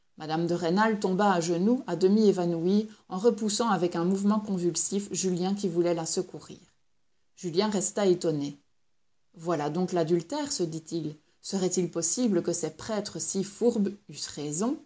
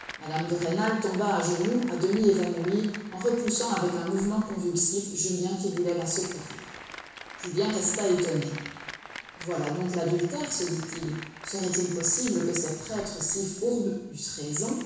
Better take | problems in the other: first | background sound (Applause); 16 dB below the speech // room echo; dies away in 1.1 s

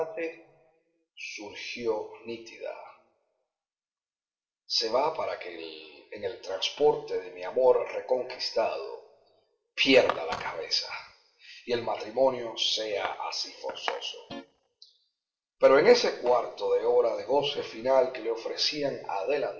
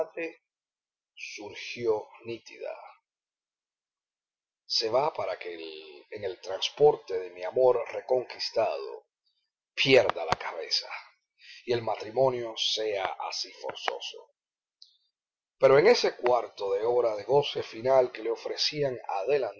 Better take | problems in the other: second | noise reduction (neural separator model SepFormer DNS4)

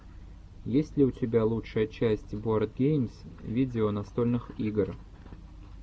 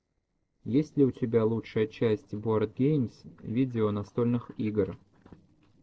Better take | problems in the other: first | noise reduction (neural separator model SepFormer DNS4)

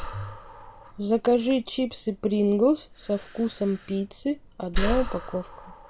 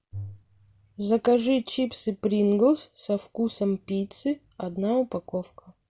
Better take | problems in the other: second | background sound (Breathing); 8 dB below the speech

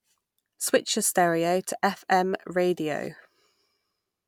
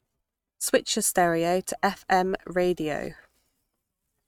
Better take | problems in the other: first | noise reduction (neural mask model RNNoise)

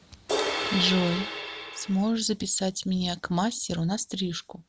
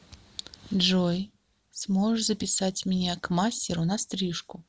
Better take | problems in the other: second | background sound (Crash cymbal); 3 dB below the speech

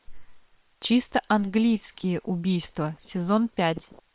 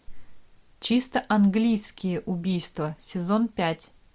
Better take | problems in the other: second | noise reduction (neural separator model SepFormer WHAM!)

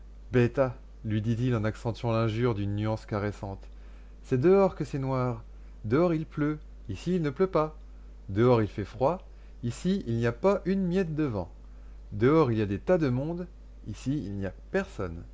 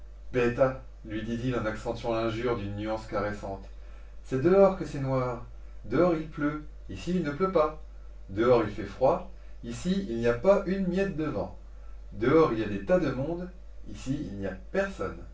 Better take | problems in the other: first | room echo; dies away in 0.3 s

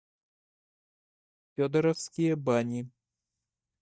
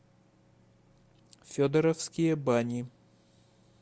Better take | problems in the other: second | noise reduction (neural mask model DeepFilterNet 3)

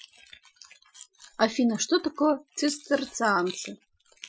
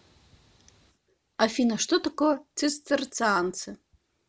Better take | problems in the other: second | noise reduction (classical method Wiener filter)

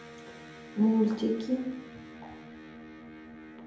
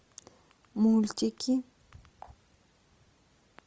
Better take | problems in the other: second | background sound (Electric guitar); 14 dB below the speech // room echo; dies away in 0.7 s

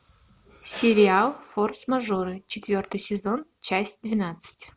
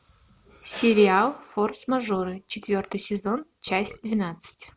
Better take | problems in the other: first | background sound (Burping, eructation); 20 dB below the speech

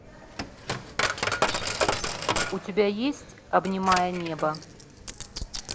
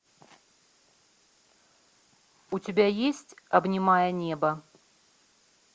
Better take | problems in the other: second | background sound (Coin (dropping)); 1 dB below the speech

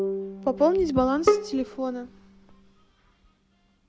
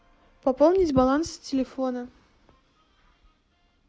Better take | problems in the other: second | background sound (Bowed string instrument + Bowed string instrument); 3 dB below the speech

